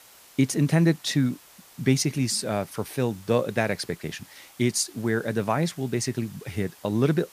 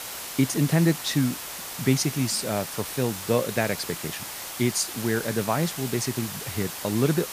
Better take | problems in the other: first | hiss; loud; throughout; 7 dB below the speech; faint in the first

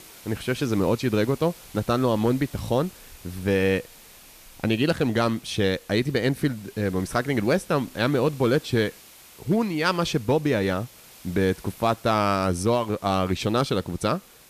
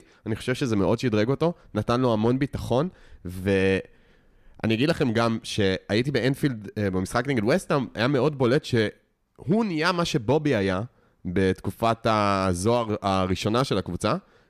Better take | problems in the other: second | hiss; faint; throughout; 20 dB below the speech

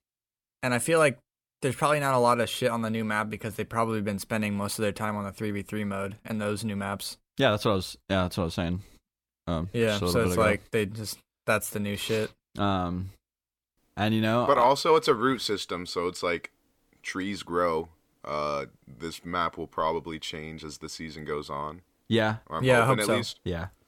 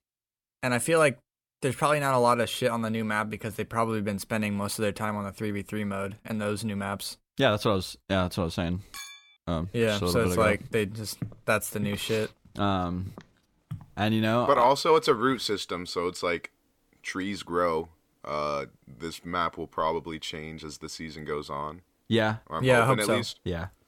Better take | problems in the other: first | clattering dishes; faint; at 9 s; peak 15 dB below the speech // footsteps; faint; from 11 to 14 s; peak 15 dB below the speech

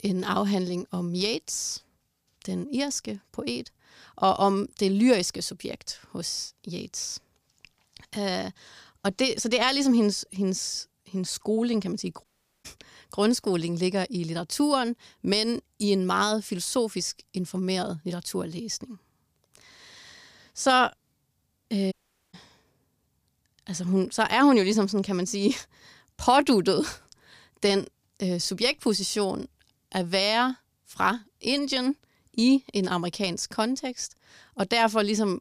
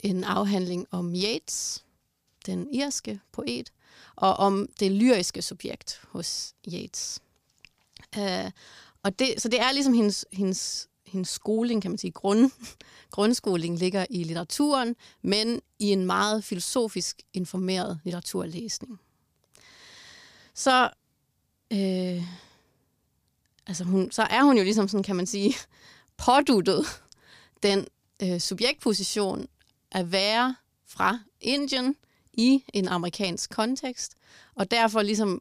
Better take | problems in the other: second | audio cutting out; at 12 s and at 22 s

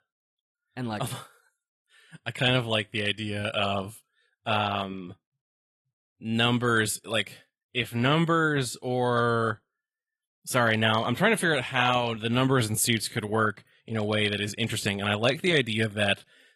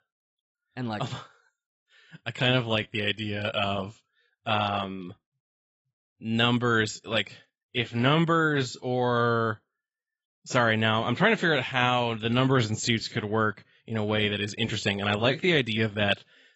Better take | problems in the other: first | garbled, watery; badly; nothing above 8 kHz; slightly in the first

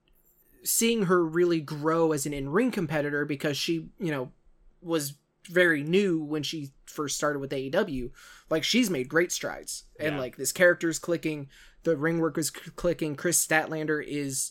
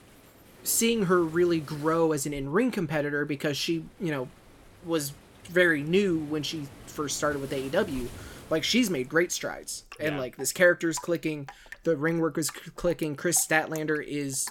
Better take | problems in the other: first | rain or running water; faint; throughout; 20 dB below the speech

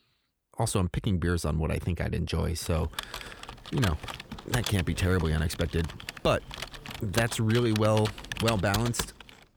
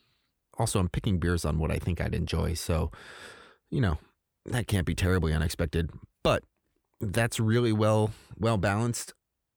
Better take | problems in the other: second | keyboard typing; noticeable; from 2.5 s on; peak 3 dB below the speech

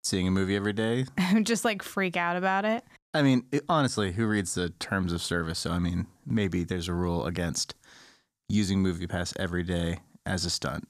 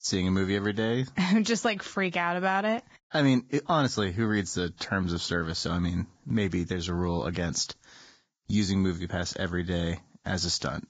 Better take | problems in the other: first | garbled, watery; badly; nothing above 7.5 kHz

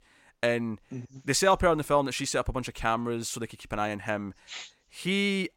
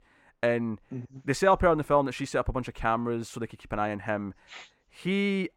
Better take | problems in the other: first | muffled; slightly; fading above 2.5 kHz

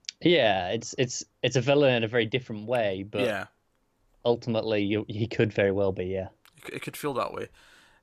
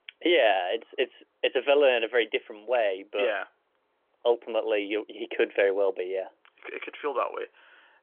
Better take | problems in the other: first | phone-call audio; nothing above 3.5 kHz

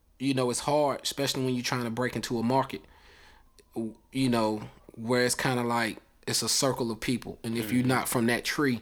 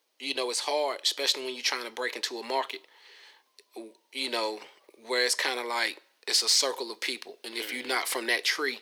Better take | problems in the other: first | thin; very; fading below 400 Hz

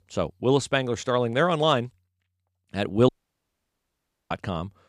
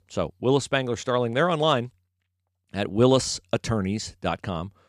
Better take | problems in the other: second | audio cutting out; at 3 s for 1 s

